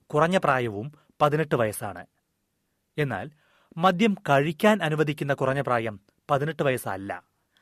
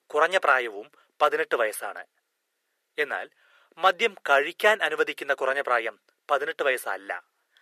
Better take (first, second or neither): first